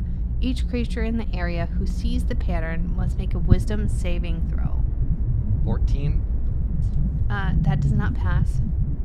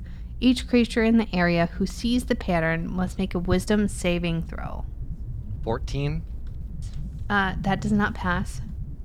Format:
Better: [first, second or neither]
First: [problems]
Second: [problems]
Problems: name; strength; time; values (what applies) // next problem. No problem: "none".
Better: second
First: low rumble; loud; throughout; 5 dB below the speech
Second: low rumble; faint; throughout; 25 dB below the speech